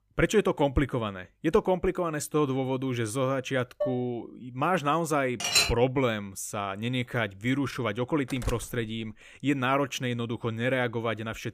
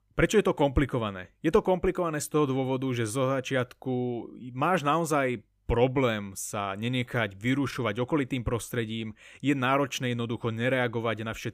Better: second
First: clattering dishes; noticeable; at 4 s; peak 5 dB below the speech // clattering dishes; loud; at 5.5 s; peak 6 dB above the speech // door banging; faint; at 8.5 s; peak 10 dB below the speech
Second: none

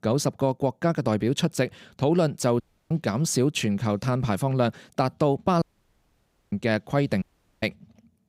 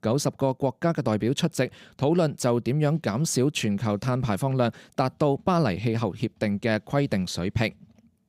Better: second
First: audio cutting out; at 2.5 s, at 5.5 s for 1 s and at 7 s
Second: none

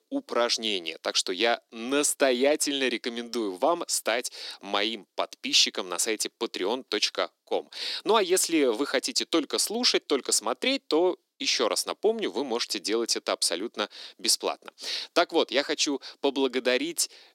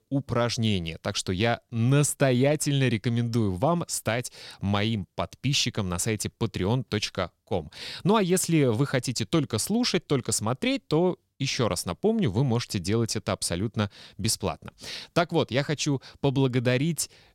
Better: second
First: thin; somewhat; fading below 300 Hz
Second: none

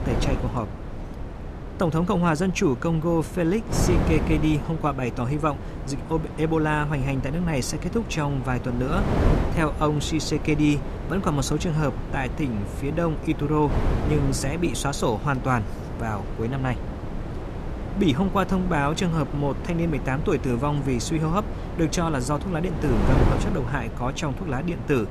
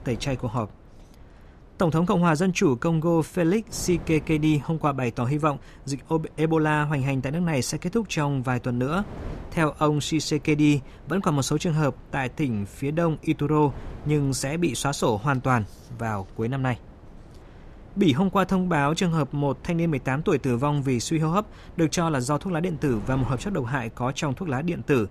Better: second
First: wind noise on the microphone; heavy; 8 dB below the speech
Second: wind noise on the microphone; occasional gusts; 25 dB below the speech

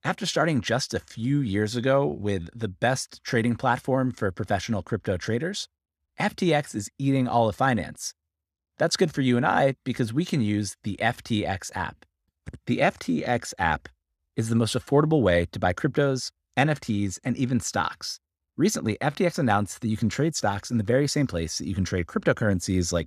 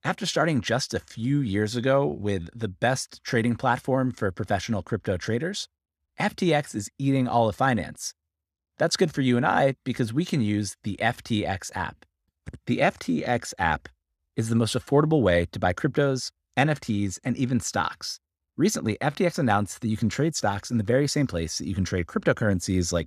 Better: neither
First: none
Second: none

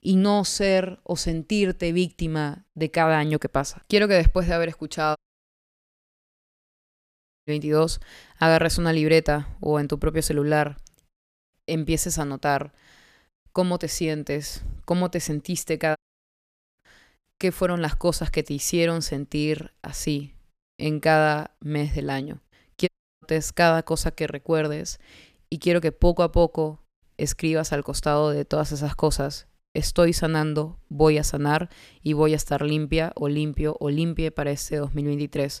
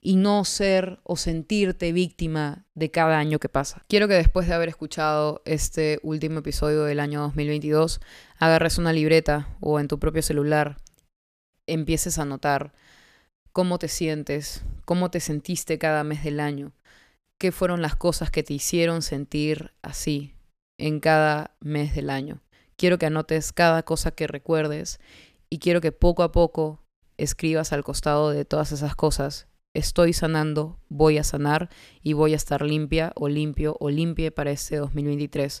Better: second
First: audio cutting out; at 5 s for 2.5 s, at 16 s for 1 s and at 23 s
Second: none

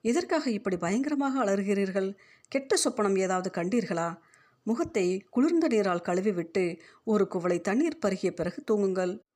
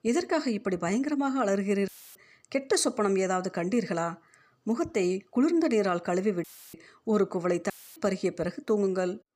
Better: first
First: none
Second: audio cutting out; filled with static; at 2 s, at 6.5 s and at 7.5 s

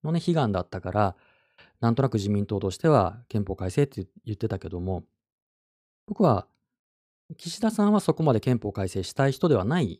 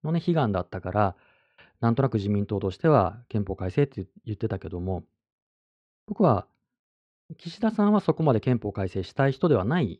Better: first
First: none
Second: muffled; slightly; fading above 2.5 kHz

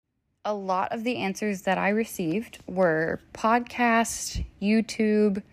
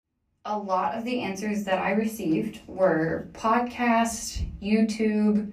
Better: first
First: none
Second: off-mic speech; far // room echo; very slight; dies away in 0.3 s

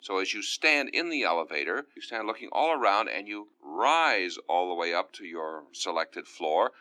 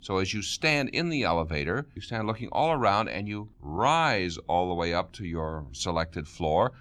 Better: second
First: thin; somewhat; fading below 300 Hz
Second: none

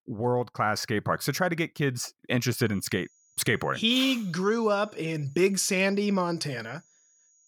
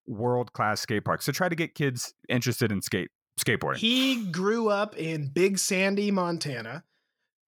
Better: second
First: high-pitched whine; faint; from 2.5 s on; 6.5 kHz, 35 dB below the speech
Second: none

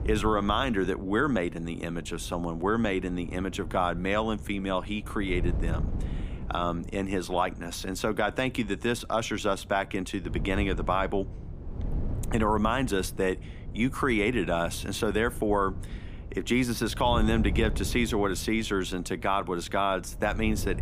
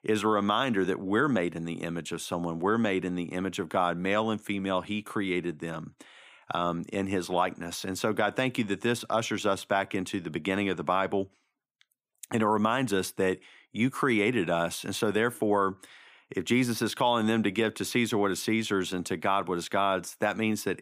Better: second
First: wind noise on the microphone; occasional gusts; 20 dB below the speech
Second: none

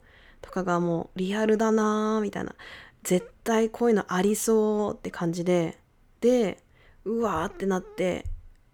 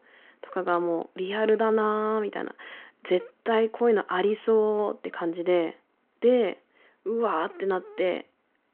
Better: first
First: none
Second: phone-call audio

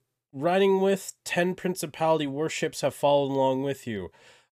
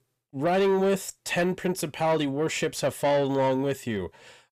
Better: first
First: none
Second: distortion; slight; 10 dB below the speech

